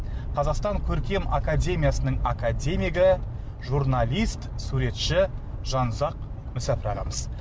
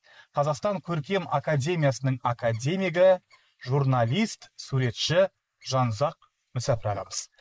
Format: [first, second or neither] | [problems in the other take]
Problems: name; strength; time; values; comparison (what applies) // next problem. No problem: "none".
first | noise reduction (neural mask model Resemble Enhance denoiser)